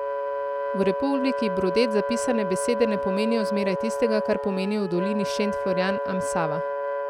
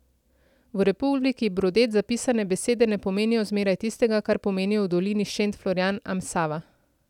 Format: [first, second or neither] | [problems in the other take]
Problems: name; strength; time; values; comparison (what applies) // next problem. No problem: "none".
second | background sound (Wind instrument, woodwind instrument); 2 dB below the speech